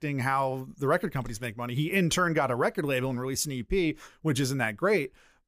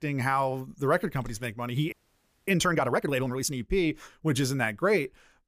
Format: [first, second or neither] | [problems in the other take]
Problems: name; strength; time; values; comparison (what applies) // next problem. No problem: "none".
first | audio freezing; at 2 s for 0.5 s